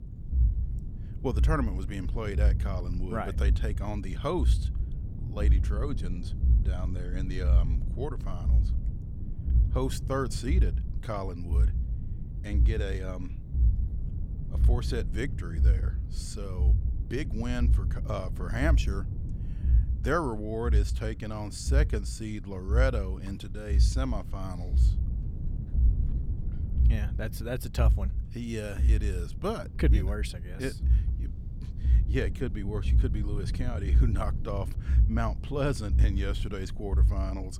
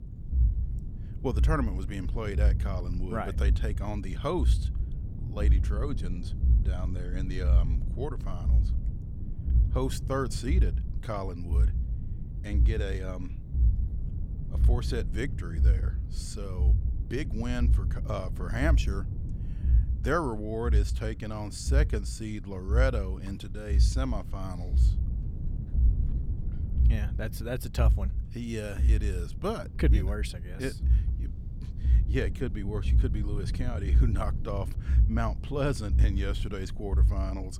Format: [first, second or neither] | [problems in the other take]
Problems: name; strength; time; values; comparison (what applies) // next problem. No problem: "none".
neither | low rumble; noticeable; throughout; 10 dB below the speech; the same in both